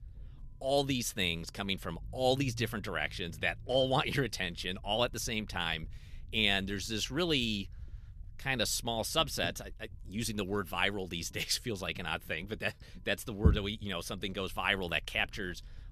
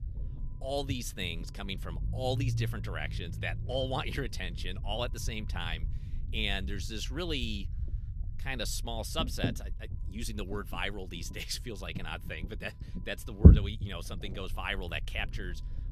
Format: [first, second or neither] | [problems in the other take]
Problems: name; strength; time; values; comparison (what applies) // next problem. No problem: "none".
first | low rumble; loud; throughout; 6 dB below the speech; faint in the first